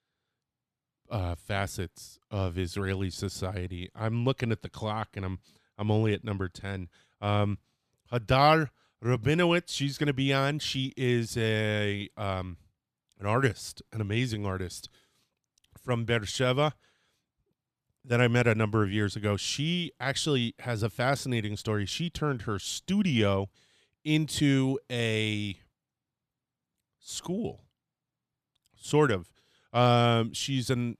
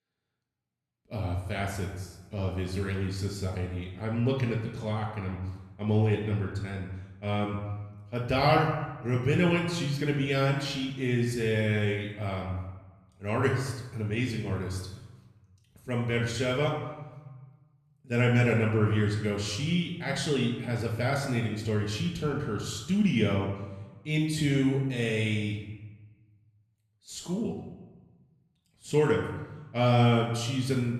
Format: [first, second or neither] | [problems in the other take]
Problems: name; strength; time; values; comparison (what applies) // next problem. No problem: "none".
first | off-mic speech; somewhat distant // room echo; noticeable; dies away in 0.9 s